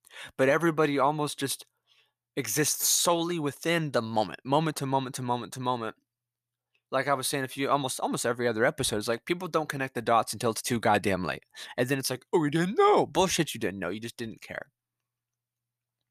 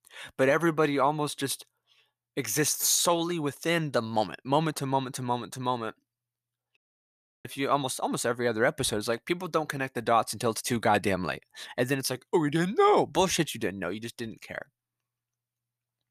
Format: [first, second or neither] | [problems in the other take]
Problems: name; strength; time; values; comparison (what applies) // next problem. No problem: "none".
first | audio cutting out; at 7 s for 0.5 s